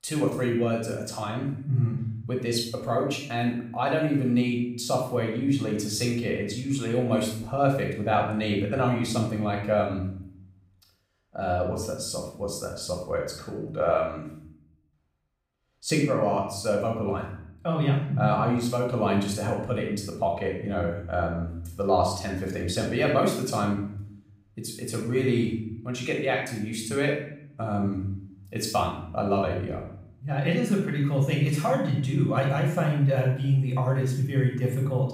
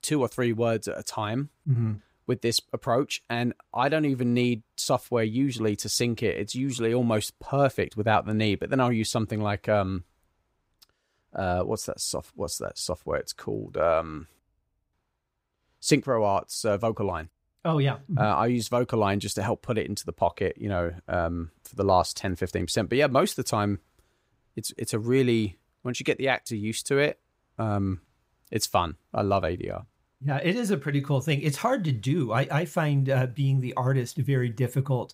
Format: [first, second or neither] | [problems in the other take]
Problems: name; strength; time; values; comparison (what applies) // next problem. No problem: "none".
second | off-mic speech; far // room echo; noticeable; dies away in 0.6 s